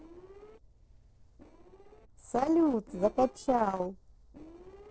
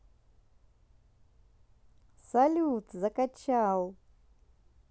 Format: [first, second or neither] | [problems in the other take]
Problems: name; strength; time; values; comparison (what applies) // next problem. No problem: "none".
second | noise reduction (neural separator model SepFormer DNS4)